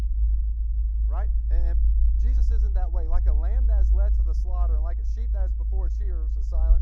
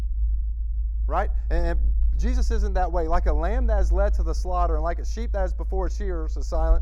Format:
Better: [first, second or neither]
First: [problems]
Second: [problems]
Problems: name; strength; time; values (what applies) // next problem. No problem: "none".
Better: second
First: low rumble; loud; throughout; 2 dB below the speech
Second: low rumble; faint; throughout; 20 dB below the speech